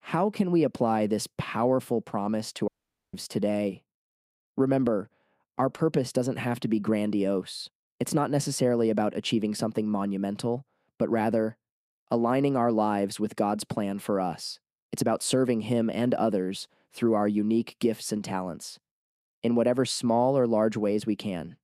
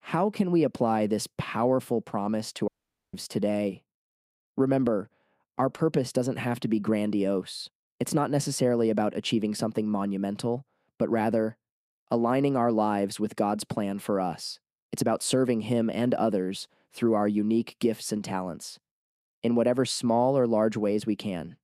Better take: neither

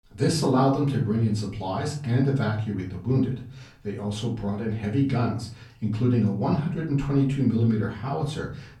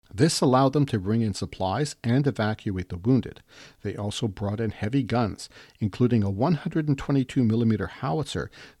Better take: second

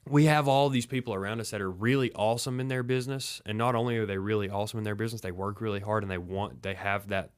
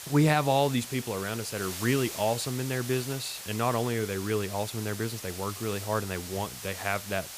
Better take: first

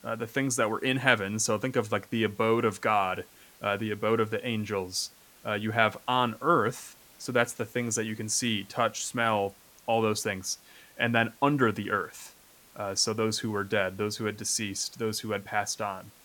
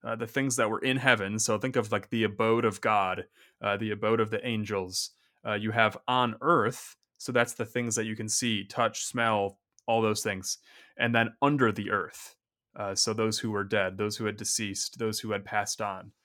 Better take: second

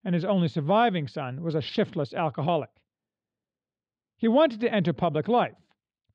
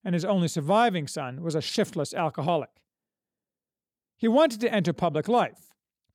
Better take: second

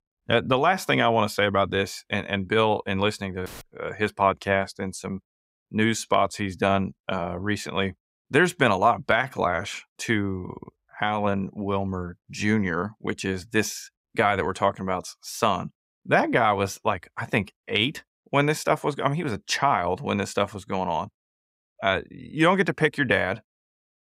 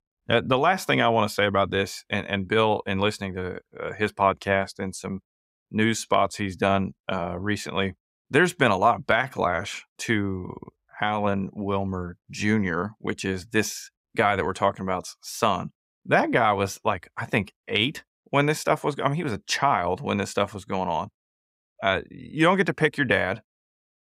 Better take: second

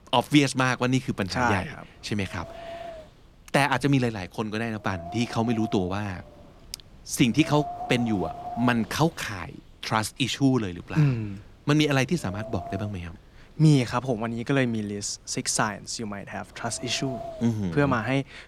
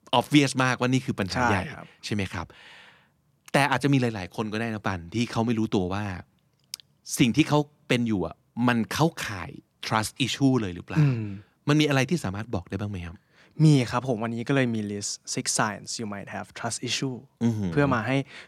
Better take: second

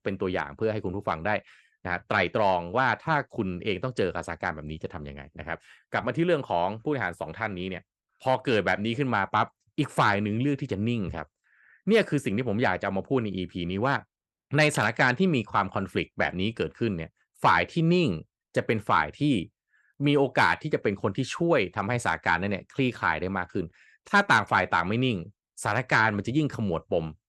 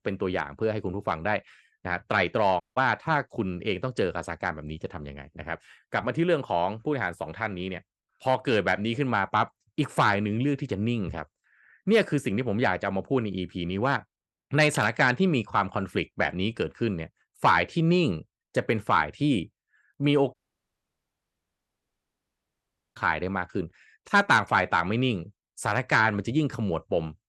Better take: first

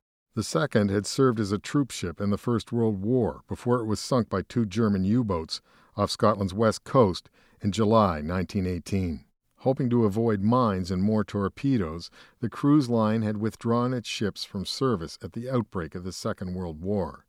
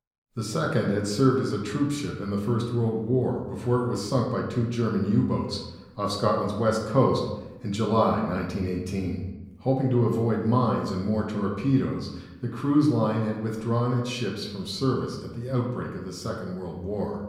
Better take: first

